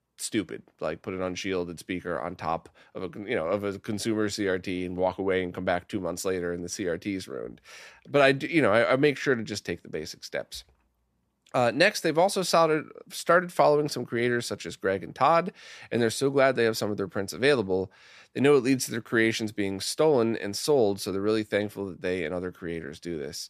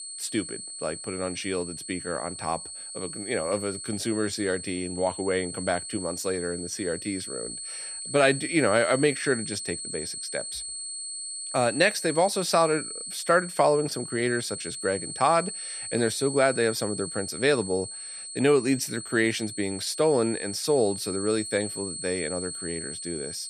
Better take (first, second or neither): first